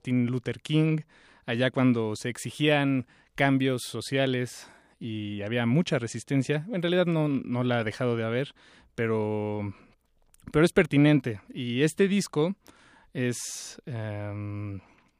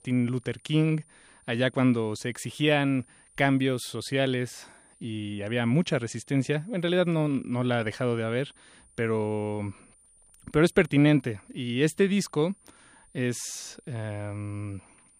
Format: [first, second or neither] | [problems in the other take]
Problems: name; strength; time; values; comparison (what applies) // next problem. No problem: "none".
first | high-pitched whine; faint; throughout; 9.5 kHz, 30 dB below the speech